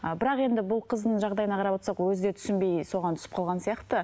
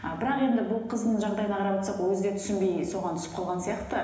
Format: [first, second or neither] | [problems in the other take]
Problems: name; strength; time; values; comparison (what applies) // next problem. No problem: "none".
first | room echo; dies away in 1 s